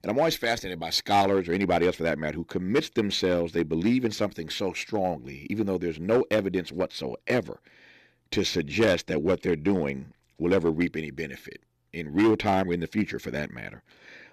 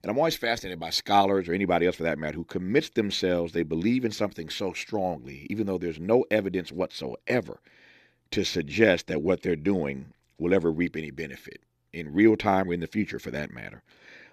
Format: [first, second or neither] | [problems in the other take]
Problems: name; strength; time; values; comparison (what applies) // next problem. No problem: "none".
second | distortion; slight; 3% of the sound clipped